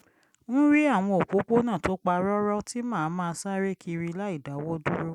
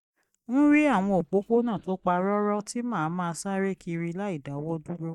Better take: first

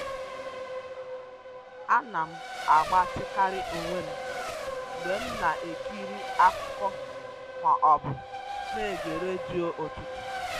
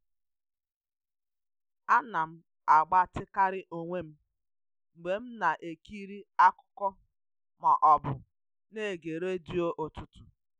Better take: second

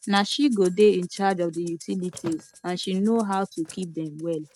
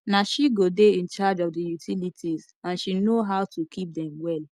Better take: second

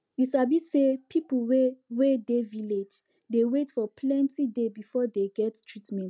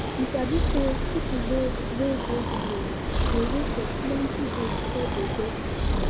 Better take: first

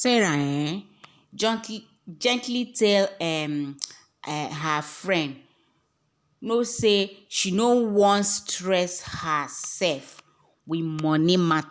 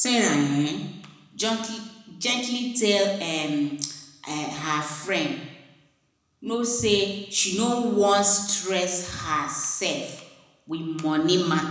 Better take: first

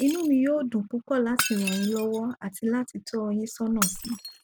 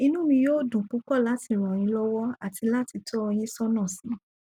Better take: second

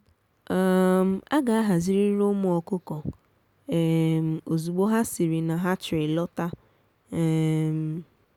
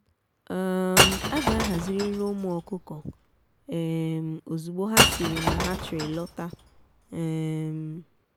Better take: first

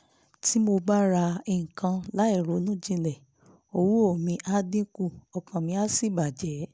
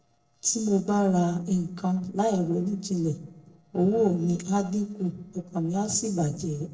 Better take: first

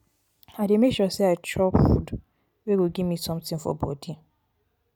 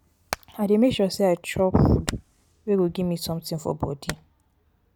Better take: first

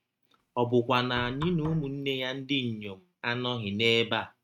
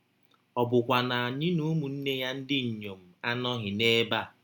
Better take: second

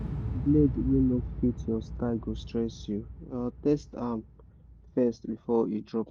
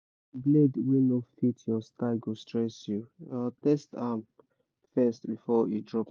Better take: second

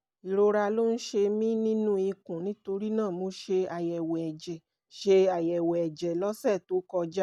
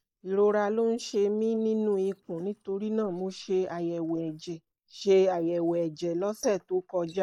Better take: first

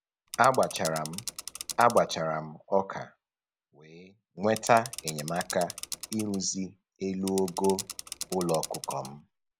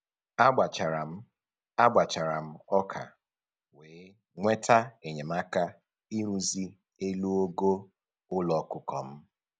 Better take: second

